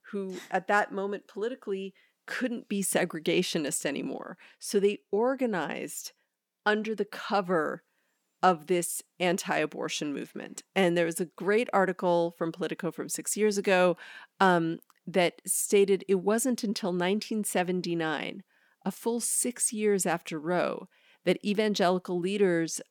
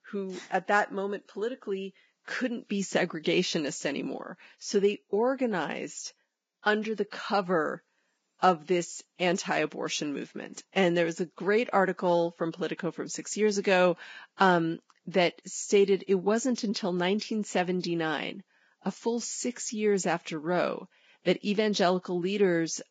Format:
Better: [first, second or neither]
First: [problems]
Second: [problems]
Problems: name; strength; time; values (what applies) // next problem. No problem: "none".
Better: first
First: none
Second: garbled, watery; badly; nothing above 7.5 kHz